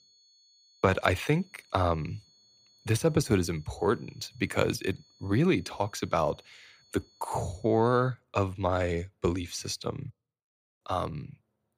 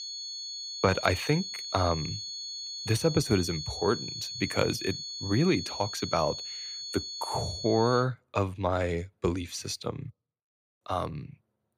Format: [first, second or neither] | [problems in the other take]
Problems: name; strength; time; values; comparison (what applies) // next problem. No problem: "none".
first | high-pitched whine; loud; until 8 s; 4.5 kHz, 6 dB below the speech; faint in the first